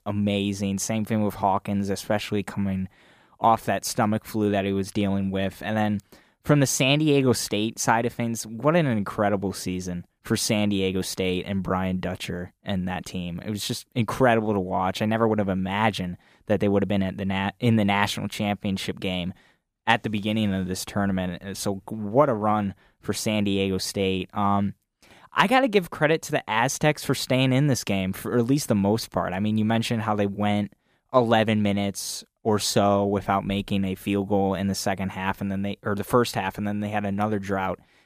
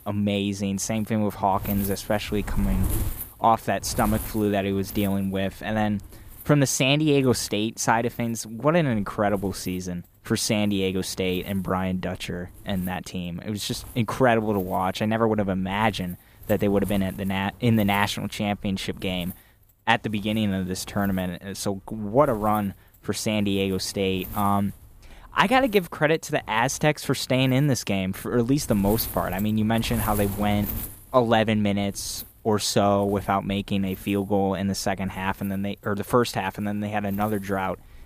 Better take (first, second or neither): first